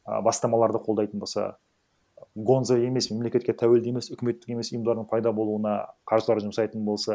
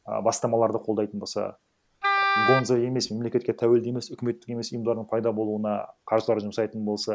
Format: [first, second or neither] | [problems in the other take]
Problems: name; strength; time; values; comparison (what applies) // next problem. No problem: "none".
first | background sound (Wind instrument, woodwind instrument); 1 dB above the speech